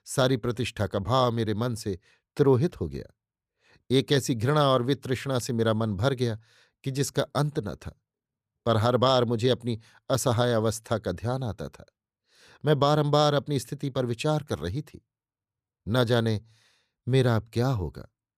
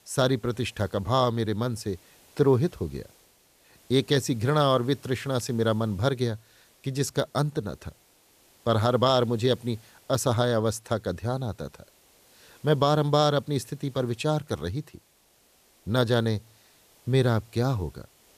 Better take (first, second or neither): first